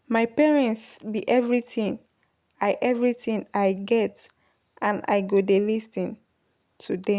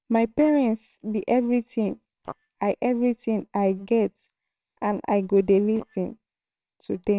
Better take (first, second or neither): first